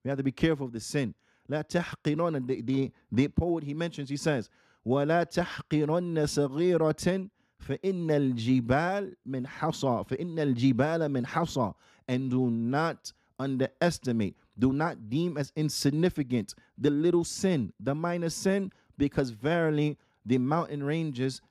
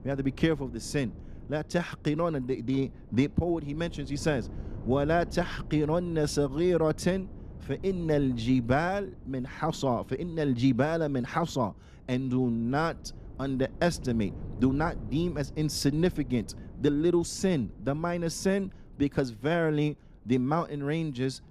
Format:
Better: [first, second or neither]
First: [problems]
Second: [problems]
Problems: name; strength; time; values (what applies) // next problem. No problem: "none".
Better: first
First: none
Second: wind noise on the microphone; occasional gusts; 20 dB below the speech